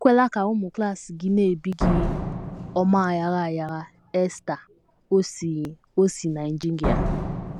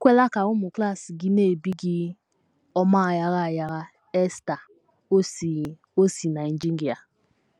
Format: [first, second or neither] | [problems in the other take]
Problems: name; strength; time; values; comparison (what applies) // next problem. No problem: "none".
second | background sound (Slam); 7 dB below the speech